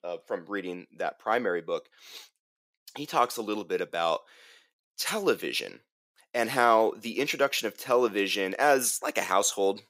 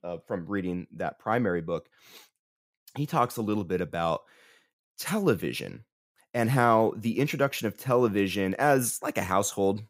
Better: second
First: thin; somewhat; fading below 400 Hz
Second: none

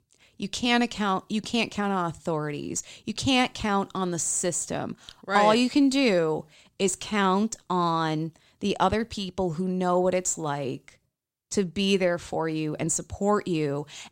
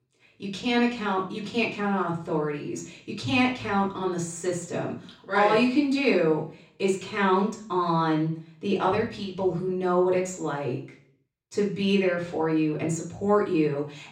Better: first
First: none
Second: room echo; slight; dies away in 0.5 s // off-mic speech; far

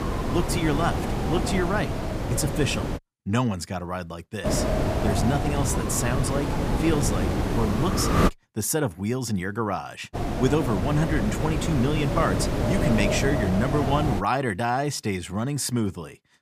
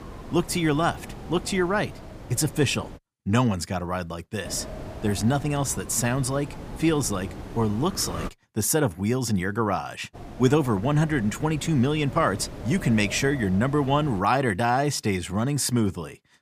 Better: second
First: wind noise on the microphone; heavy; until 3 s, from 4.5 to 8.5 s and from 10 to 14 s; 1 dB below the speech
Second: wind noise on the microphone; occasional gusts; until 3 s, from 4.5 to 8.5 s and from 10 to 14 s; 15 dB below the speech

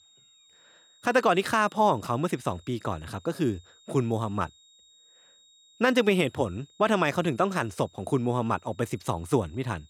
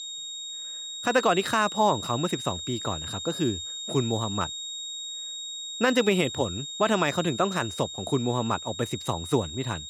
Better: first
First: high-pitched whine; faint; throughout; 4 kHz, 30 dB below the speech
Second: high-pitched whine; loud; throughout; 4 kHz, 7 dB below the speech

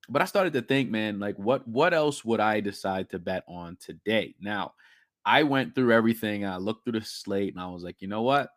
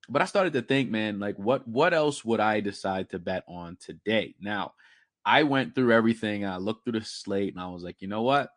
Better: first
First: none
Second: garbled, watery; slightly; nothing above 9 kHz

